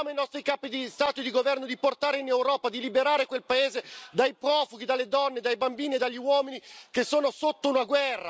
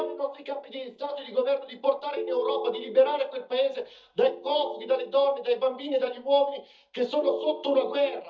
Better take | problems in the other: first | noise reduction (neural mask model DeepFilterNet 3)

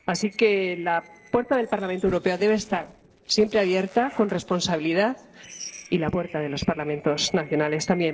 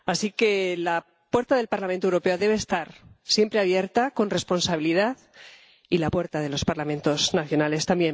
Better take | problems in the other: second | noise reduction (neural separator model SepFormer DNS4)

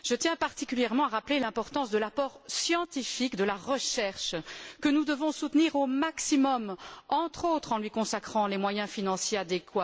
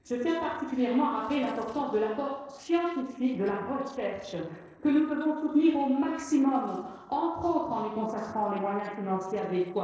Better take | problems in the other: first | noise reduction (neural separator model SepFormer DNS4)

